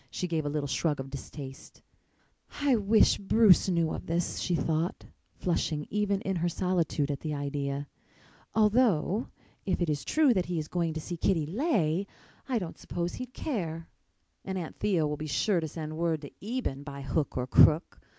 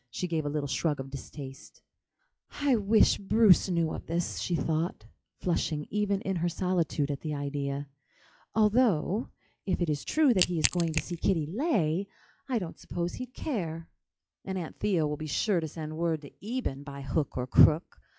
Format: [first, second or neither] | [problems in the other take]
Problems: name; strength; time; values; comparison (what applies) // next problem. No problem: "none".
first | noise reduction (classical method log-MMSE)